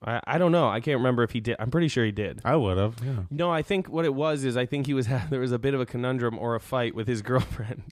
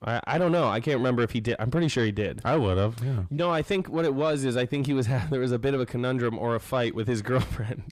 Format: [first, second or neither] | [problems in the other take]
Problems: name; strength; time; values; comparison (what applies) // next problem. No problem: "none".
first | distortion; slight; 10 dB below the speech